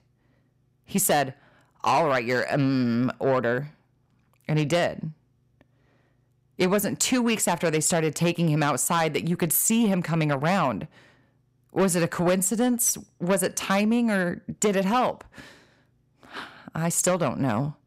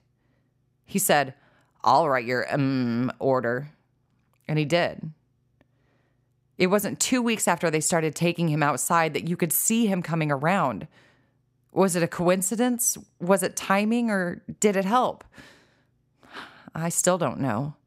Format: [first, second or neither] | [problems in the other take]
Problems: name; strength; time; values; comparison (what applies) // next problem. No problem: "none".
second | distortion; slight; 10 dB below the speech